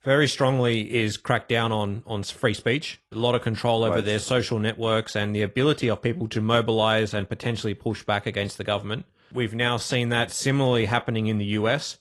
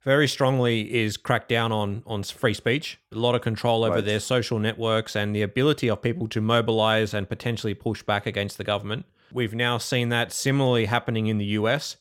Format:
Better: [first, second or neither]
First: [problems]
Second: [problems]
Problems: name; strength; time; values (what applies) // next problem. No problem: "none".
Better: second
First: garbled, watery; slightly; nothing above 11.5 kHz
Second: none